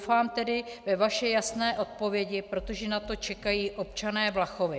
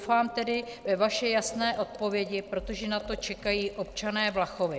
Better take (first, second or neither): first